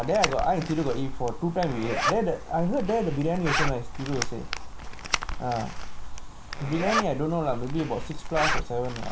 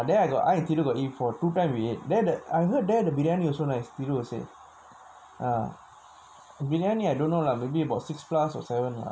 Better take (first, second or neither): second